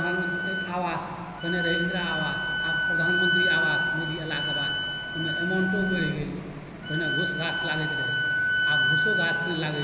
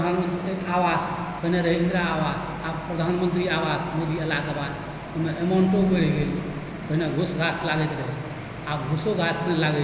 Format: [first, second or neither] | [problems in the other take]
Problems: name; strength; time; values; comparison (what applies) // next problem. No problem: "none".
second | background sound (Wind instrument, woodwind instrument); 3 dB above the speech